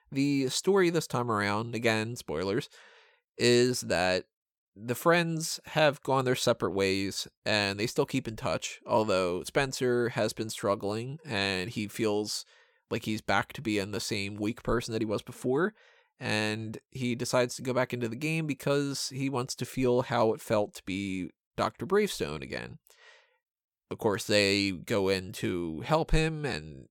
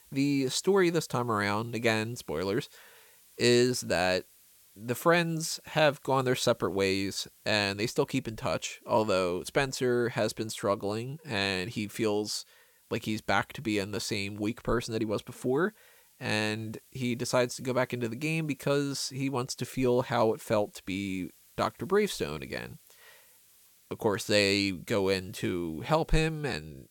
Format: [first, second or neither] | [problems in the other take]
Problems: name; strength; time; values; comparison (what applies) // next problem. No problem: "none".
first | hiss; faint; throughout; 30 dB below the speech